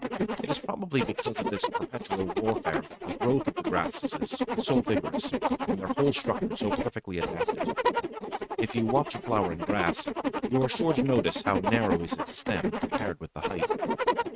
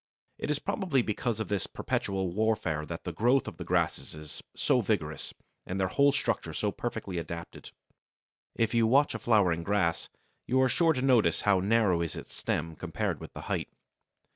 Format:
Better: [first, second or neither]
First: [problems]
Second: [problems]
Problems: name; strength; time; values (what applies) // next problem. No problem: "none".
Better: second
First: noise reduction (neural mask model RNNoise)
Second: none